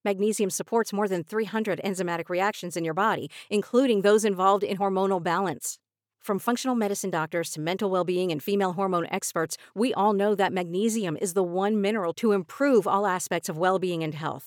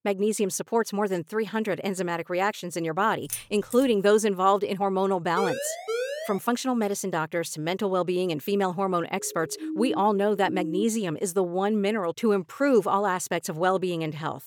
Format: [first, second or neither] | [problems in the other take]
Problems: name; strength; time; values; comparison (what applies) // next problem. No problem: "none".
first | jangling keys; noticeable; at 3.5 s; peak 9 dB below the speech // siren; noticeable; from 5.5 to 6.5 s and from 9 to 11 s; peak 4 dB below the speech